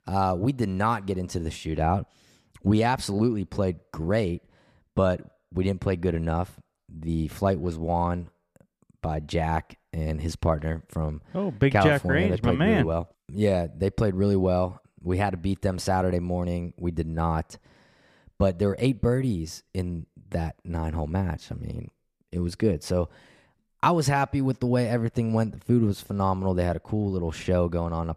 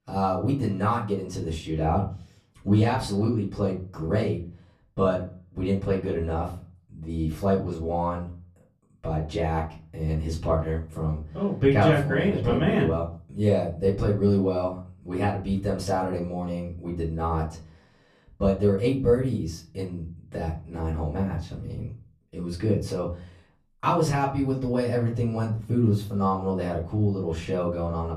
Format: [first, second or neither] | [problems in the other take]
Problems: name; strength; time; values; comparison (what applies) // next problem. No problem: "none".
first | off-mic speech; far // room echo; slight; dies away in 0.3 s